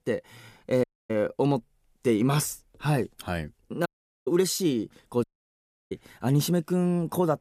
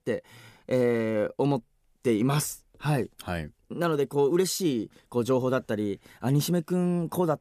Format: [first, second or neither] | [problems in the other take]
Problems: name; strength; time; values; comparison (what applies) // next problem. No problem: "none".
second | audio cutting out; at 1 s, at 4 s and at 5 s for 0.5 s